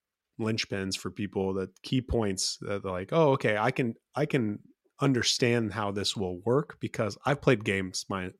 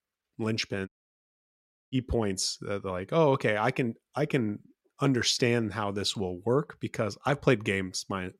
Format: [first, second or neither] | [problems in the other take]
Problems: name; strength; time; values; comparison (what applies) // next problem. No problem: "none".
first | audio cutting out; at 1 s for 1 s